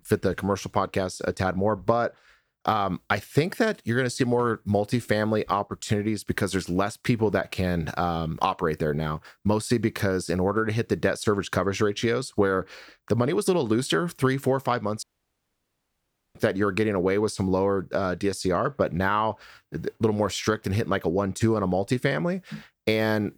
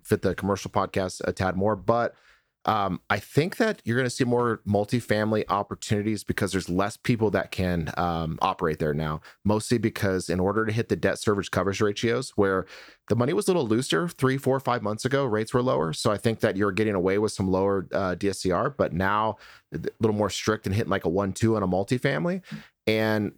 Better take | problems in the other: second | audio cutting out; at 15 s for 1.5 s

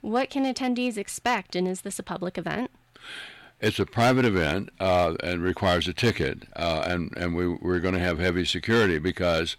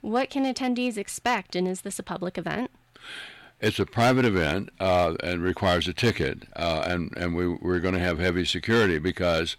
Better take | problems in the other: neither | distortion; slight; 3% of the sound clipped; the same in both

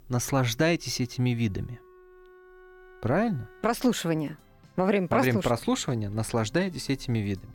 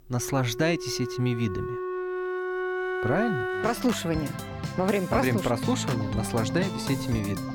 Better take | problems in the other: first | background music; loud; throughout; 4 dB below the speech; faint in the first

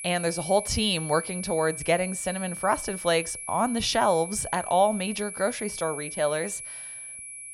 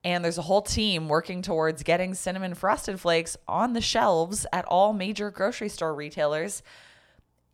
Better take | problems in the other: second | high-pitched whine; loud; throughout; 10.5 kHz, 9 dB below the speech

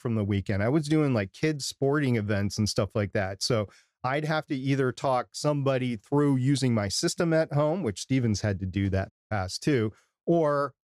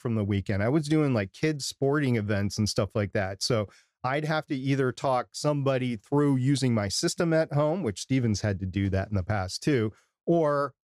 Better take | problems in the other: second | audio cutting out; at 9 s

